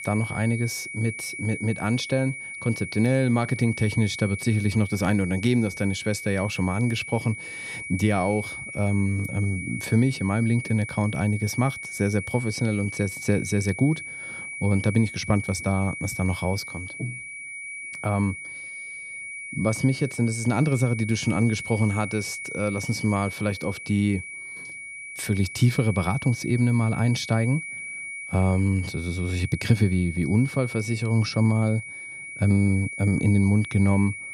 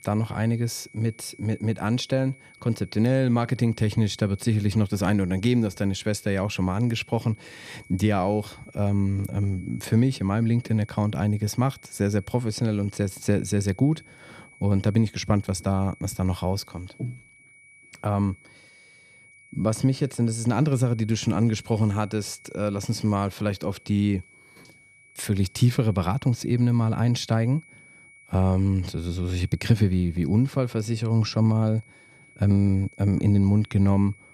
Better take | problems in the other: second | high-pitched whine; loud; throughout; 2.5 kHz, 9 dB below the speech; faint in the second

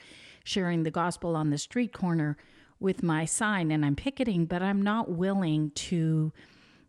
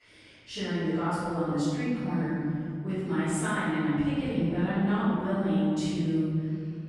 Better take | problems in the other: first | off-mic speech; far // room echo; strong; dies away in 2.1 s

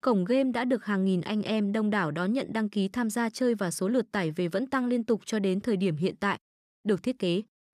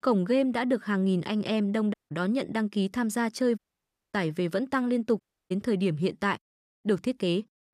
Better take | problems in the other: first | audio cutting out; at 2 s, at 3.5 s for 0.5 s and at 5 s

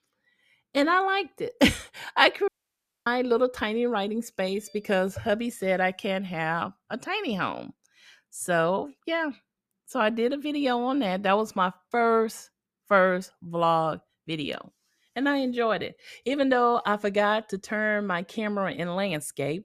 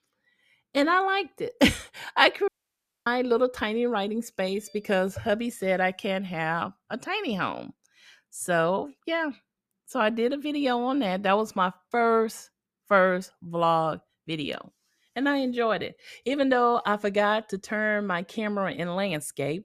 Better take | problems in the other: neither | audio cutting out; at 2.5 s for 0.5 s; the same in both

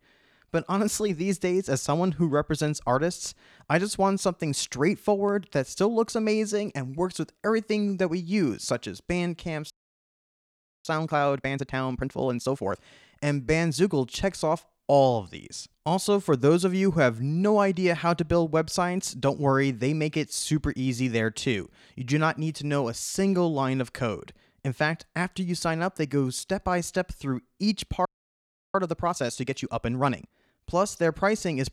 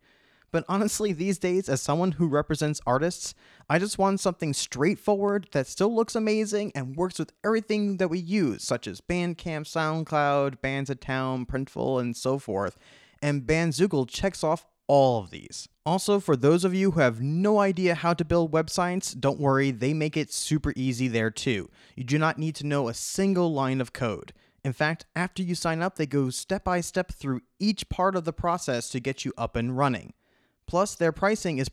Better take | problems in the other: second | audio freezing; at 9.5 s for 1 s and at 28 s for 0.5 s

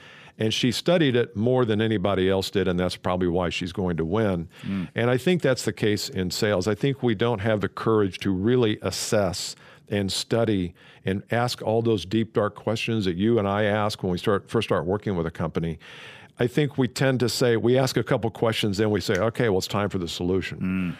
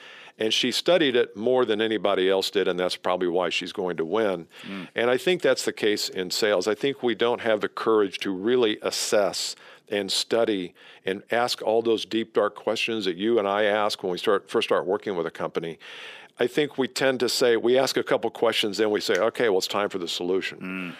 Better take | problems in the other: first | thin; somewhat; fading below 400 Hz

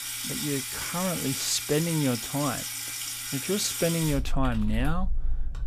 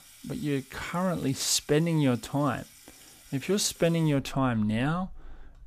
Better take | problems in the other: second | household noises; loud; throughout; 2 dB below the speech; faint in the second

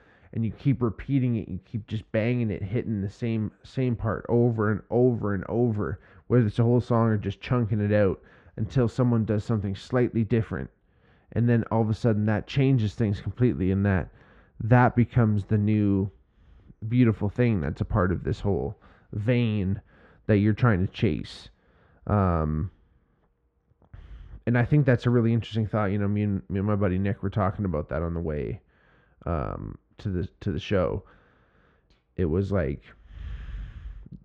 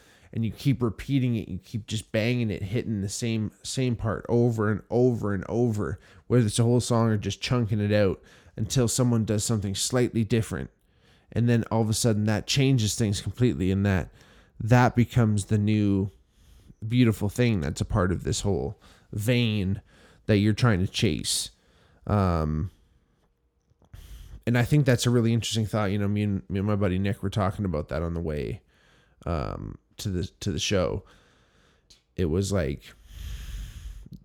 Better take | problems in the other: second | muffled; very; fading above 1.5 kHz

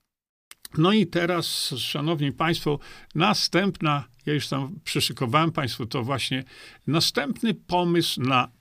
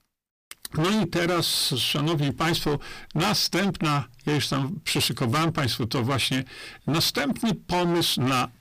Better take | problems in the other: first | distortion; heavy; 24% of the sound clipped

